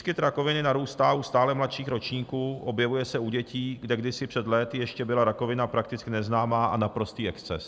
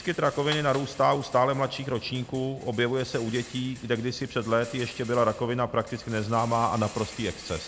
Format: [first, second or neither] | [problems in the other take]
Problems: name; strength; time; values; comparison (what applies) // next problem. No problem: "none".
first | background sound (Rattle); 18 dB below the speech